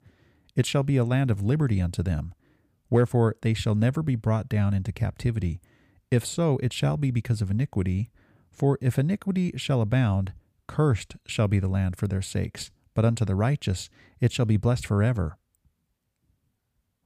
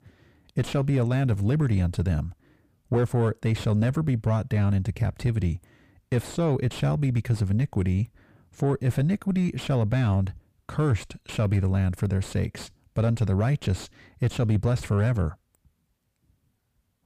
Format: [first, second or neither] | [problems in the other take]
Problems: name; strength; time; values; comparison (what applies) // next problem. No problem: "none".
first | distortion; slight; 10 dB below the speech